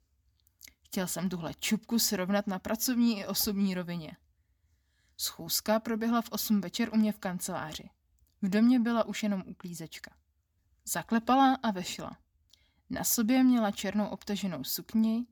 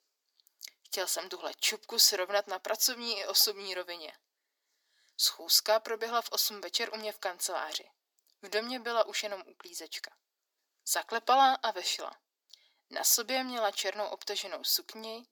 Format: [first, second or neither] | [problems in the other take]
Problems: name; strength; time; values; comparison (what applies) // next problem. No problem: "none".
first | thin; very; fading below 350 Hz